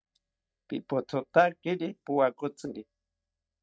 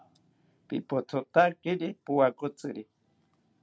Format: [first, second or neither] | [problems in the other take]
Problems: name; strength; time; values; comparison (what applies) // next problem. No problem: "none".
second | noise reduction (neural mask model DeepFilterNet 3)